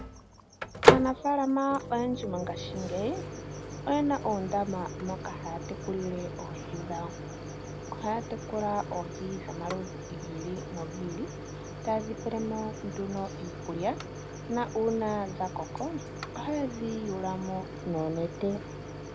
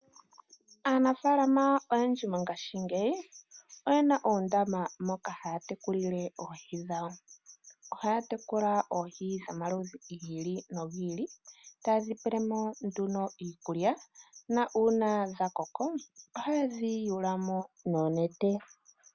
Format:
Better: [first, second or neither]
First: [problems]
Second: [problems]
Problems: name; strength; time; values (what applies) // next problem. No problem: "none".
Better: second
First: background sound (Microwave oven); 1 dB below the speech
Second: none